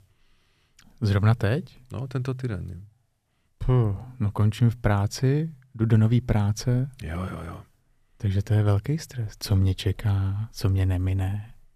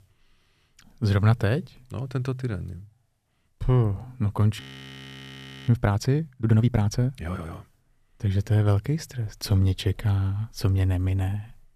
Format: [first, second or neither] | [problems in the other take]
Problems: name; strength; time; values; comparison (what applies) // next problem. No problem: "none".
first | audio freezing; at 4.5 s for 1 s